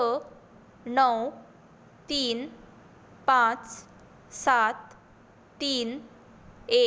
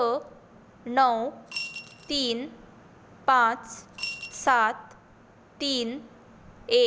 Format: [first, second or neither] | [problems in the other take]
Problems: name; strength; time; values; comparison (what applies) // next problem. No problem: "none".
first | background sound (Coin (dropping) / Glass); 11 dB below the speech